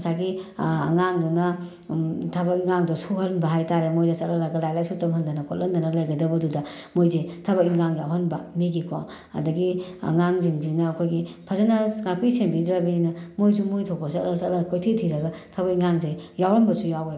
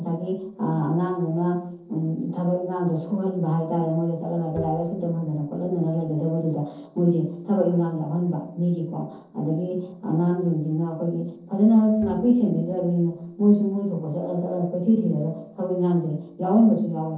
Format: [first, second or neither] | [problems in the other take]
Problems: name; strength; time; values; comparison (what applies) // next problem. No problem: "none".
first | noise reduction (neural separator model SepFormer DNS4)